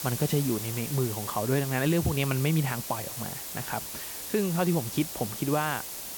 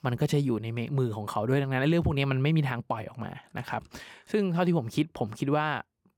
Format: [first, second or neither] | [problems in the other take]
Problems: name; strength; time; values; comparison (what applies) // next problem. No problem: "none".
second | hiss; loud; throughout; 6 dB below the speech